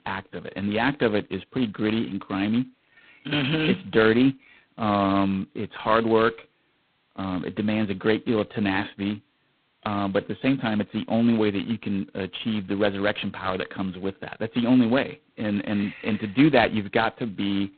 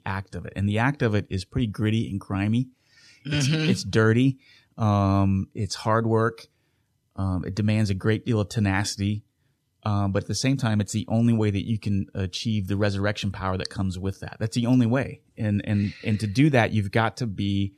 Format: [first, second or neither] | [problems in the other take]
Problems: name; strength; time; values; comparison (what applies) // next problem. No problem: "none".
second | phone-call audio; poor line; nothing above 4 kHz